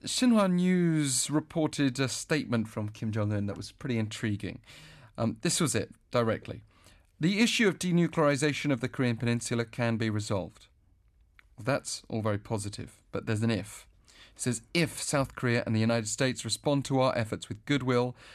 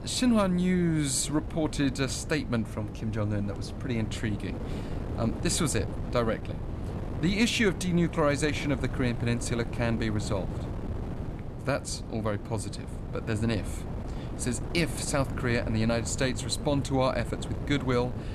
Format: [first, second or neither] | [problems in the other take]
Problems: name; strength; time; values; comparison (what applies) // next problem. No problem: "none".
first | wind noise on the microphone; occasional gusts; 10 dB below the speech